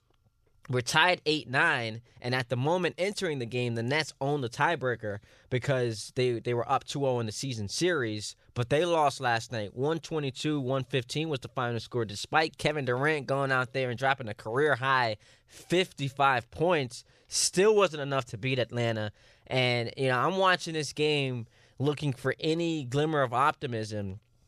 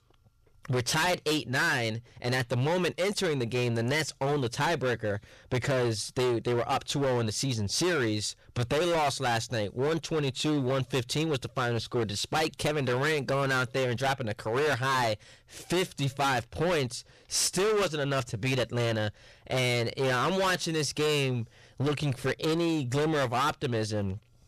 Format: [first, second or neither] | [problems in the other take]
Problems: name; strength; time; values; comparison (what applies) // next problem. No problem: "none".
first | distortion; heavy; 21% of the sound clipped